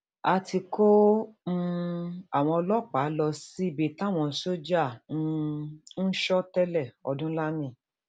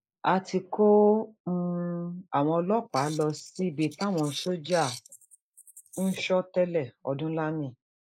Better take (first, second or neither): first